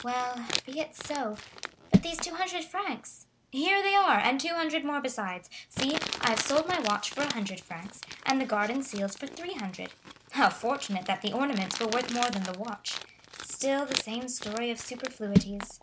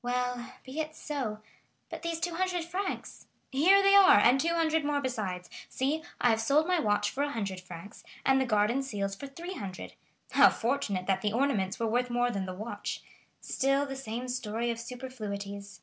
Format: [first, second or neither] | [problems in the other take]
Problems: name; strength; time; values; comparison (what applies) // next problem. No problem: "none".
second | background sound (Crumpling, crinkling); 5 dB below the speech